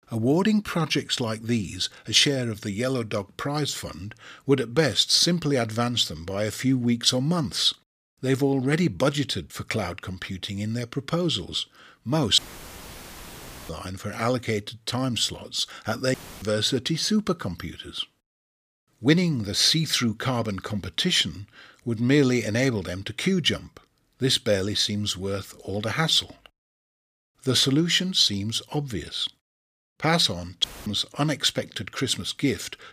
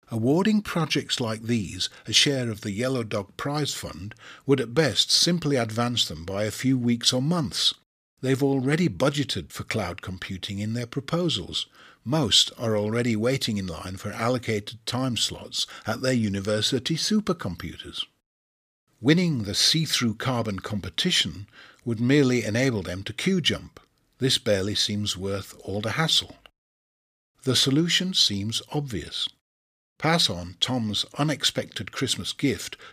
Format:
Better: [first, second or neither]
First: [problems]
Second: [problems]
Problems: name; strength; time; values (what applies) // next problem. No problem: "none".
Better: second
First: audio cutting out; filled with static; at 12 s for 1.5 s, at 16 s and at 31 s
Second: none